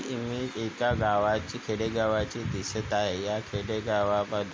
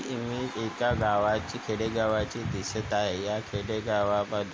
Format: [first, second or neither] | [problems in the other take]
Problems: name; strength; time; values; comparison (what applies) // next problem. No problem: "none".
first | background sound (Crowd); 17 dB below the speech